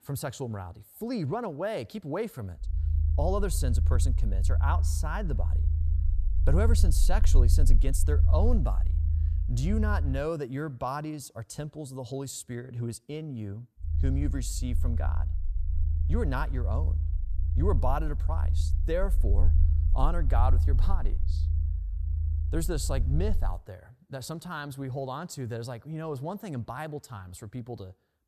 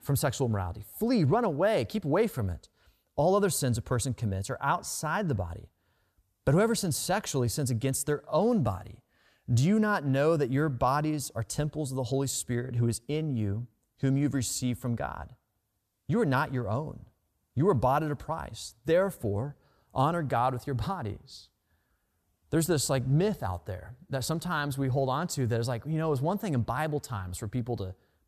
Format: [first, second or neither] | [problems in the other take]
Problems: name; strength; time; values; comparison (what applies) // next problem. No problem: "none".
second | low rumble; noticeable; from 2.5 to 10 s and from 14 to 24 s; 10 dB below the speech